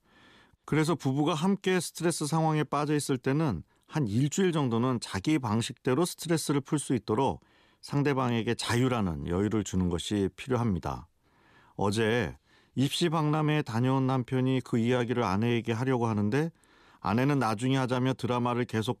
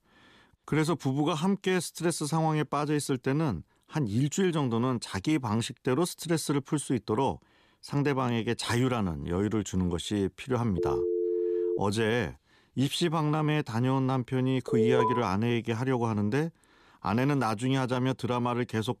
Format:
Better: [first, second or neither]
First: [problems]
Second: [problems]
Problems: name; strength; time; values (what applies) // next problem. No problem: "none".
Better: first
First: none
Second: phone ringing; loud; from 11 to 12 s; peak level with the speech // alarm; loud; at 15 s; peak 3 dB above the speech